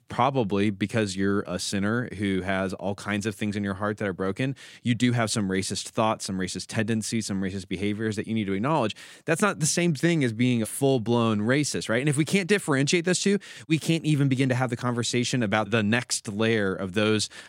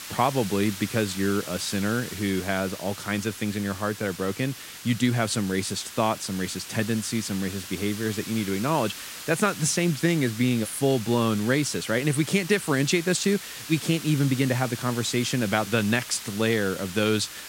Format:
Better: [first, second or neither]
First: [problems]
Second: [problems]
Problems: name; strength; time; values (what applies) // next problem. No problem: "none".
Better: first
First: none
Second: hiss; noticeable; throughout; 10 dB below the speech